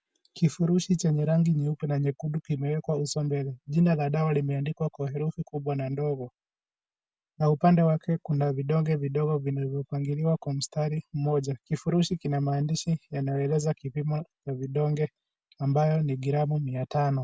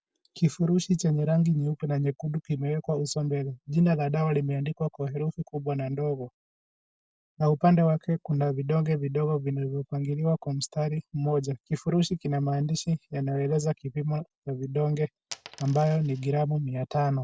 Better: first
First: none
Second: noise reduction (neural separator model SepFormer DNS4)

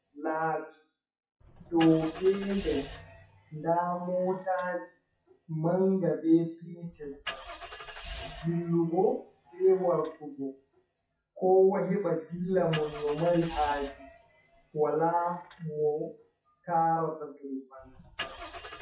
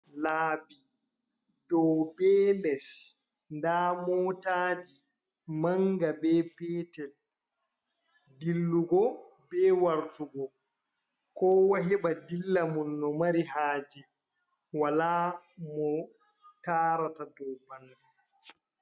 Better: second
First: noise reduction (classical method WPE with log-MMSE)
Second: none

